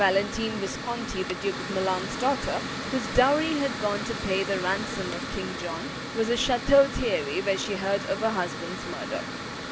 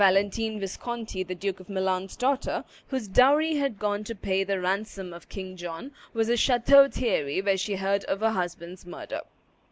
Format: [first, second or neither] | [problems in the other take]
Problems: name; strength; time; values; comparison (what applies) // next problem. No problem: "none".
second | background sound (Mechanical fan); 6 dB below the speech